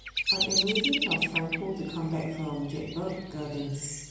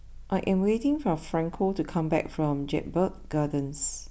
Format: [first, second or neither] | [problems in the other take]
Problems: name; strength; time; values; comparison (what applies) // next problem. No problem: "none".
second | background sound (Bird vocalization, bird call, bird song); as loud as the speech // room echo; dies away in 1 s